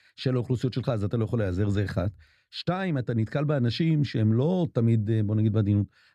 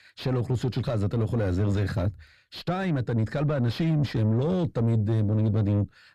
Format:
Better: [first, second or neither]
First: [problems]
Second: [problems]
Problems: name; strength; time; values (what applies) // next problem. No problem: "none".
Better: first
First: none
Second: distortion; slight; 9 dB below the speech